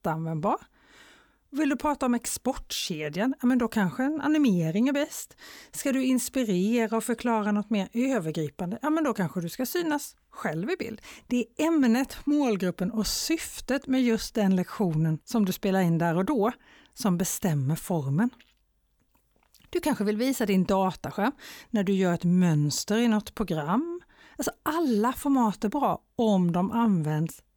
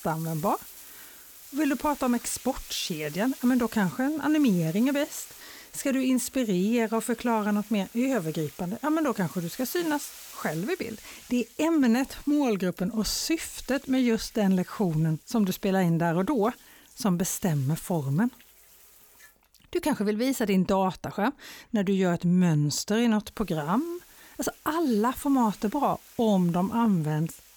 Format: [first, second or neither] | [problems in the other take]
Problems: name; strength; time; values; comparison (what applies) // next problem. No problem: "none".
first | household noises; noticeable; throughout; 20 dB below the speech